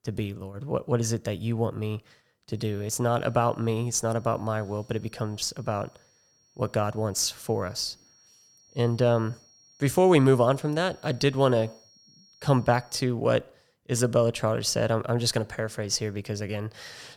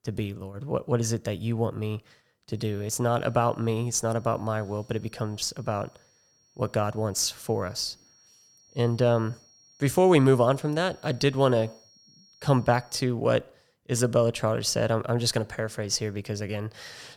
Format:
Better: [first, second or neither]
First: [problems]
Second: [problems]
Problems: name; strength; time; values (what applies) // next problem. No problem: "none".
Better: neither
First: high-pitched whine; faint; from 2.5 to 13 s; 5.5 kHz, 30 dB below the speech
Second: high-pitched whine; faint; from 2.5 to 13 s; 5.5 kHz, 30 dB below the speech